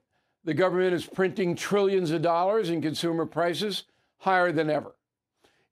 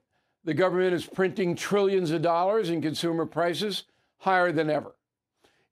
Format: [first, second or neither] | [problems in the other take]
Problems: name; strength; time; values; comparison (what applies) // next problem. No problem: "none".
neither | none